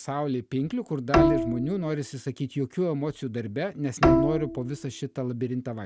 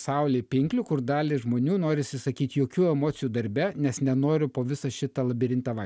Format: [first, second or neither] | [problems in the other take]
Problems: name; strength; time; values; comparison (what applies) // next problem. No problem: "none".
second | background sound (Bowed string instrument); 3 dB above the speech